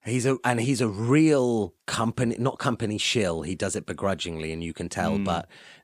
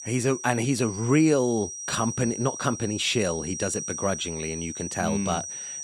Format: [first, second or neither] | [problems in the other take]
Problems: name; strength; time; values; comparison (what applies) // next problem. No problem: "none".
first | high-pitched whine; loud; throughout; 5.5 kHz, 7 dB below the speech